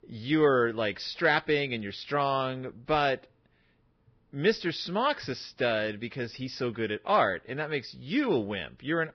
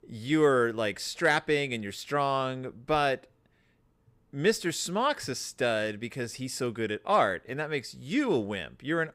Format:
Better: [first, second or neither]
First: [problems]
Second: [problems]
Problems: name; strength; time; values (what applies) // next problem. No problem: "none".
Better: second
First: garbled, watery; badly; nothing above 5.5 kHz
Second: none